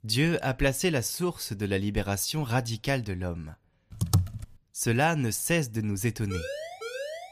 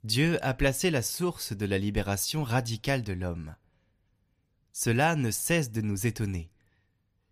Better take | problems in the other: second | keyboard typing; loud; at 4 s; peak 1 dB above the speech // siren; noticeable; from 6.5 s on; peak 8 dB below the speech

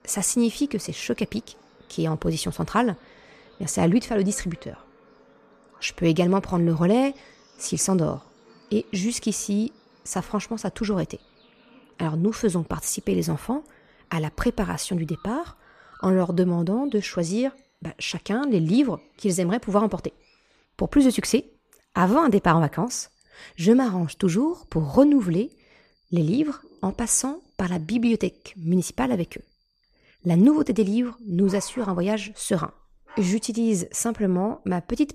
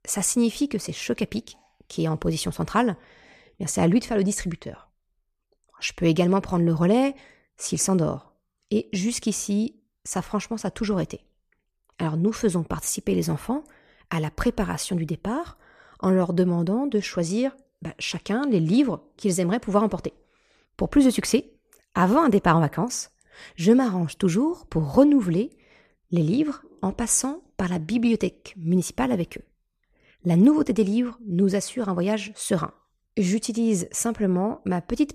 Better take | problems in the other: second | animal sounds; faint; throughout; 30 dB below the speech

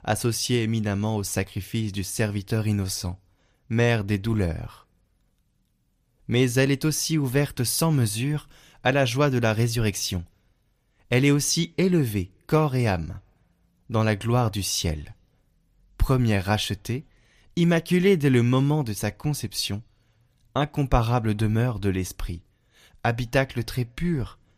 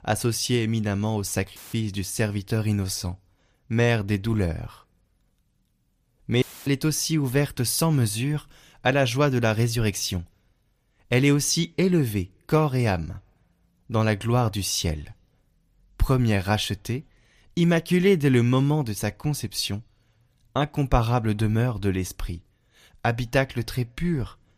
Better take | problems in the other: first | audio cutting out; filled with static; at 1.5 s and at 6.5 s

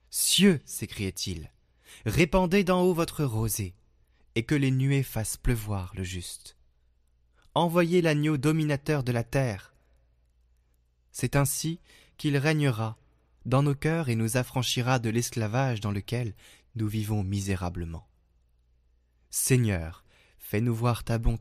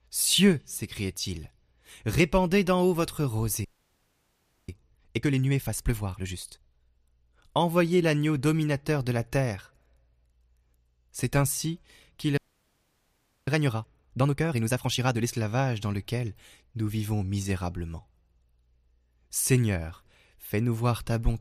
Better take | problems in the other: first | audio freezing; at 3.5 s for 1 s and at 12 s for 1 s

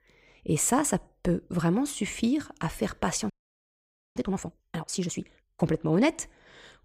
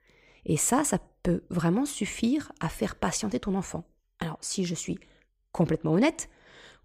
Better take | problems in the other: second | audio freezing; at 3.5 s for 1 s

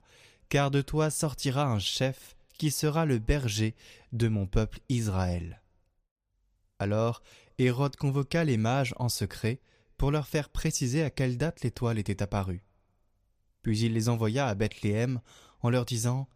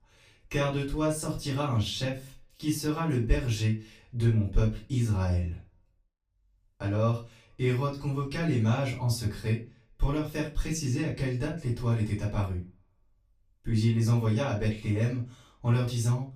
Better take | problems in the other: first | off-mic speech; far // room echo; slight; dies away in 0.3 s

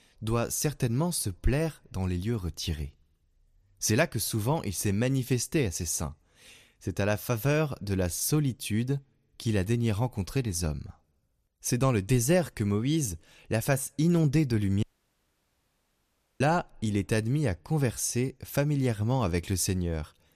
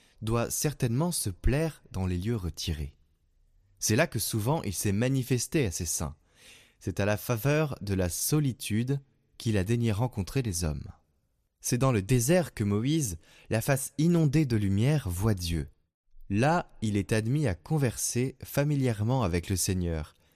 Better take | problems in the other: second | audio cutting out; at 15 s for 1.5 s

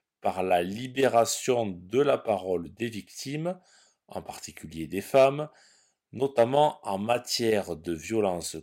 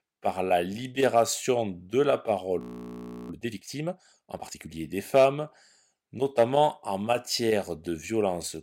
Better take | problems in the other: first | audio freezing; at 2.5 s for 0.5 s

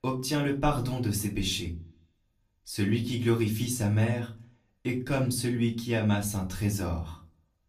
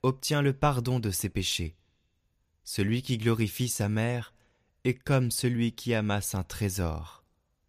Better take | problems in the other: second | off-mic speech; far // room echo; very slight; dies away in 0.3 s

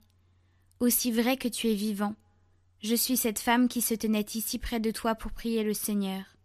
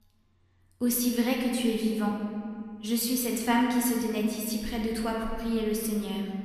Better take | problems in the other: first | room echo; noticeable; dies away in 1.9 s // off-mic speech; somewhat distant

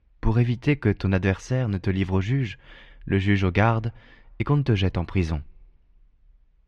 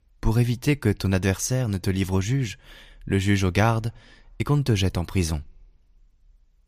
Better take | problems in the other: second | muffled; slightly; fading above 2.5 kHz

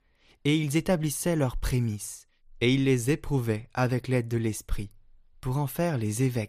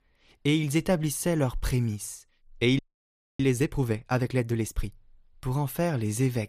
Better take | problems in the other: first | audio freezing; at 3 s for 0.5 s

